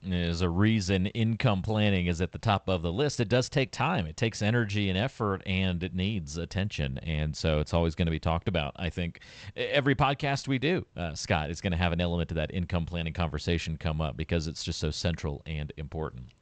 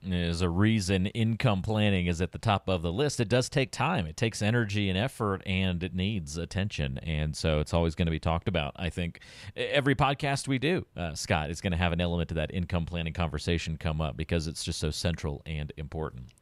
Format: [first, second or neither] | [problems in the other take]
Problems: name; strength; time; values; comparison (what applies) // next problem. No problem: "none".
second | garbled, watery; slightly; nothing above 8 kHz